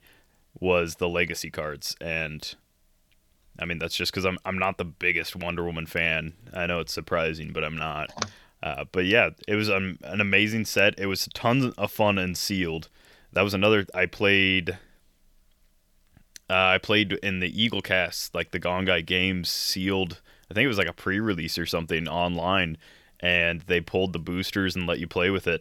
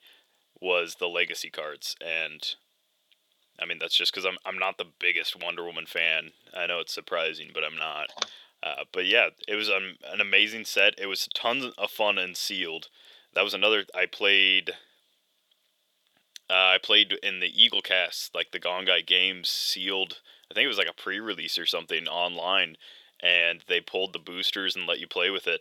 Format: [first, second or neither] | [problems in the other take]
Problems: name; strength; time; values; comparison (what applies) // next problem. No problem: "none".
first | thin; somewhat; fading below 450 Hz